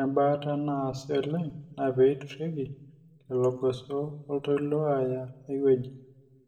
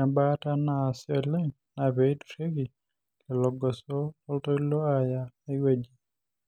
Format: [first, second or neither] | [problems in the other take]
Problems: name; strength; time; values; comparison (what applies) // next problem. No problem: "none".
second | room echo; dies away in 0.6 s